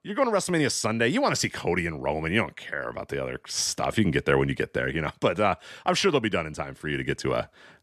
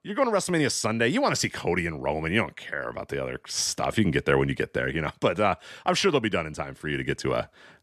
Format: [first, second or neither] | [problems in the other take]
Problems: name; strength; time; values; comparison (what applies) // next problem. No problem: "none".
neither | none